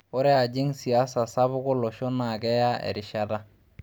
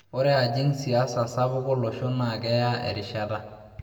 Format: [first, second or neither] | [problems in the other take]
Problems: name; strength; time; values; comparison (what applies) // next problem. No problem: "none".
first | room echo; dies away in 1.2 s